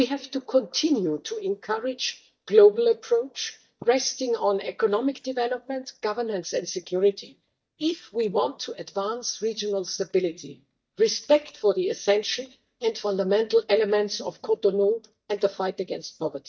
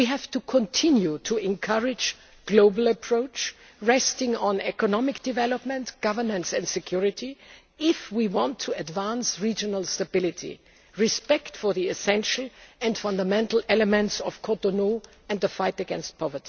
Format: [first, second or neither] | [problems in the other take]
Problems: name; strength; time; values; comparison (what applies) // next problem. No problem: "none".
second | noise reduction (neural mask model DeepFilterNet 3)